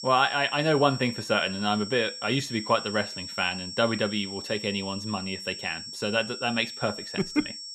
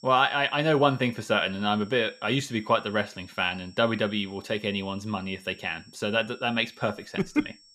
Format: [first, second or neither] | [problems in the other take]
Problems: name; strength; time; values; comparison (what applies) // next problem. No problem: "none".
second | high-pitched whine; loud; throughout; 5.5 kHz, 9 dB below the speech; faint in the second